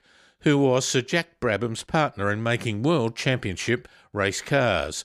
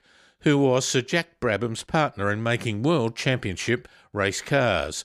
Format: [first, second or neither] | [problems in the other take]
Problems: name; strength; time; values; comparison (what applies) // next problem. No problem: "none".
neither | none